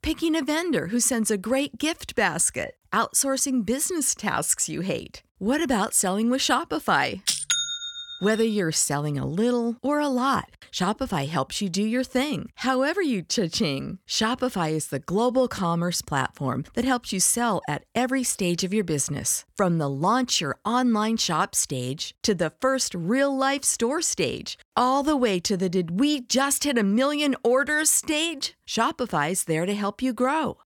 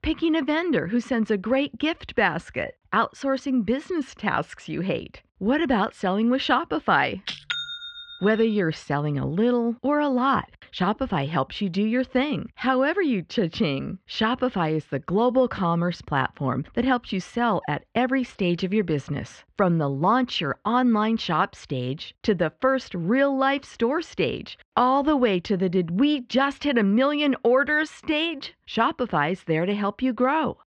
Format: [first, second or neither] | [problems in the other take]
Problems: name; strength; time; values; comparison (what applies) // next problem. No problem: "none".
first | muffled; very; fading above 3.5 kHz